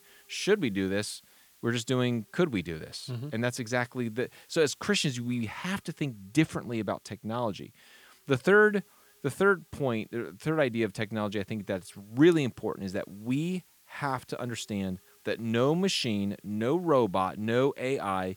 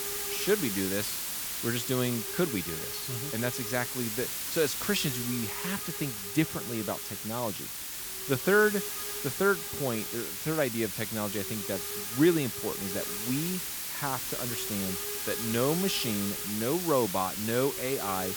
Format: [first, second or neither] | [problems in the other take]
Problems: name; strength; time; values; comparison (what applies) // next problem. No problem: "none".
first | hiss; loud; throughout; 1 dB below the speech; faint in the first